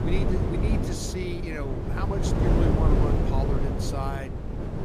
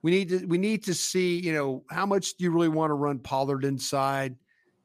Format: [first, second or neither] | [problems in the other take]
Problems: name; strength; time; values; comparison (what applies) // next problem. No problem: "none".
second | wind noise on the microphone; heavy; 1 dB above the speech